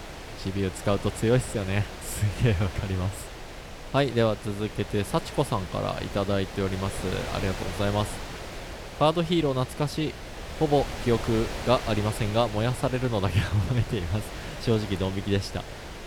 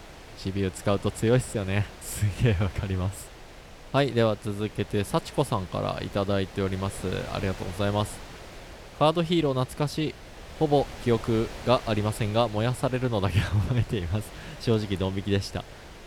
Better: second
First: wind noise on the microphone; heavy; 9 dB below the speech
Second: wind noise on the microphone; occasional gusts; 15 dB below the speech

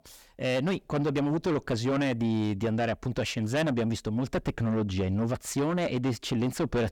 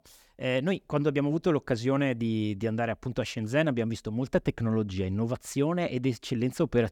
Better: second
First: distortion; heavy; 8 dB below the speech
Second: none

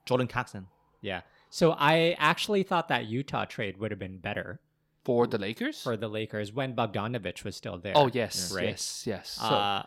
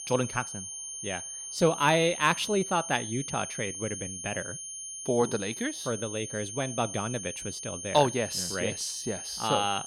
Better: first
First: none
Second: high-pitched whine; loud; throughout; 6.5 kHz, 7 dB below the speech

